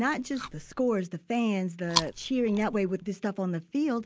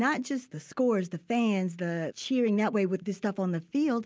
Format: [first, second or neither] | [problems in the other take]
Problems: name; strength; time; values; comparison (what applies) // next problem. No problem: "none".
second | background sound (Chewing, mastication); 10 dB below the speech